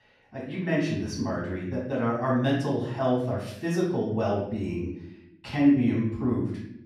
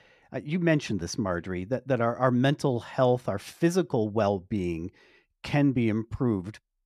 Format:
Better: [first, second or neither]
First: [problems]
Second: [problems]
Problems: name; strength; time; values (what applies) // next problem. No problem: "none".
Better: second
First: off-mic speech; far // room echo; noticeable; dies away in 0.7 s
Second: none